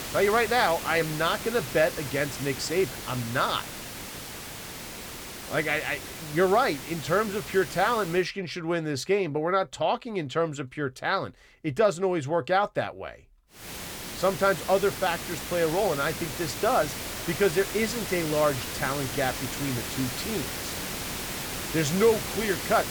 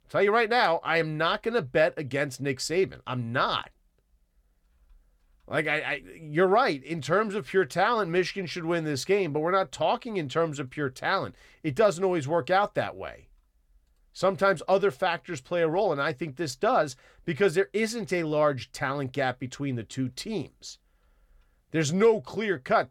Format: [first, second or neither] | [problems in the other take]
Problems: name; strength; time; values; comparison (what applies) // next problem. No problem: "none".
second | hiss; loud; until 8 s and from 14 s on; 7 dB below the speech